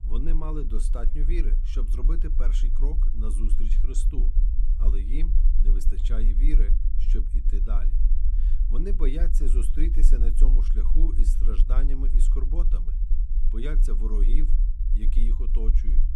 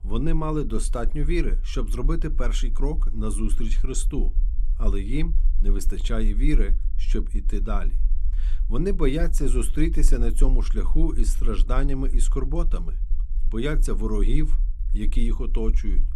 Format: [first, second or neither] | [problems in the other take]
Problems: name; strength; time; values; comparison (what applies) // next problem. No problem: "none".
second | low rumble; loud; throughout; 8 dB below the speech; faint in the second